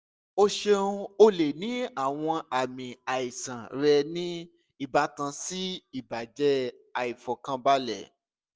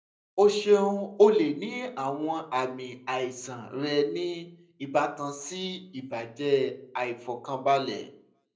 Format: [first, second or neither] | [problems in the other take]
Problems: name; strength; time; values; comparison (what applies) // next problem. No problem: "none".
first | room echo; dies away in 0.4 s